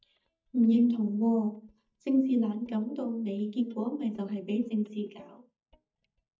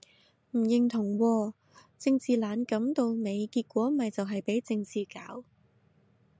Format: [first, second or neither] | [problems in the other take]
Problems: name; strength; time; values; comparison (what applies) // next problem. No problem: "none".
second | noise reduction (neural mask model DeepFilterNet 3)